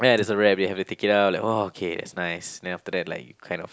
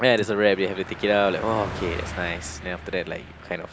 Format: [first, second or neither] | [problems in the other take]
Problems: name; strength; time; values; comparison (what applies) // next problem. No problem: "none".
first | background sound (Car passing by); 12 dB below the speech